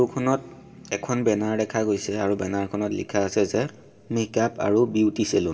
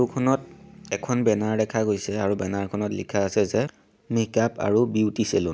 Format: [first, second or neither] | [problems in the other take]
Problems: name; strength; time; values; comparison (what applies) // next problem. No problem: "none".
second | room echo; dies away in 0.4 s